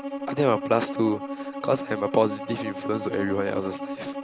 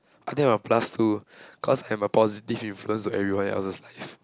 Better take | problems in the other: second | background sound (Bowed string instrument); 6 dB below the speech

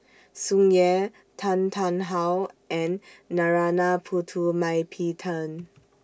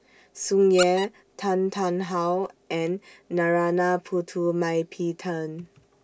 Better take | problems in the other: first | background sound (Squeak); 13 dB below the speech

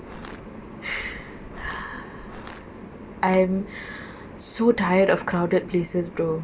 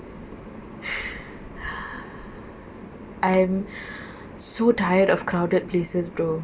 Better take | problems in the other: second | background sound (Crushing); 18 dB below the speech

